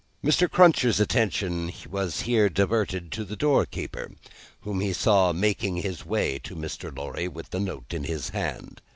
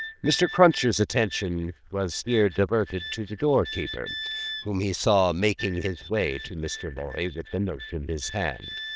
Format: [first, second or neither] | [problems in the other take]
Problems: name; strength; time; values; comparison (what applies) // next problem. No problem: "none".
first | noise reduction (neural diffusion model UNIVERSE++)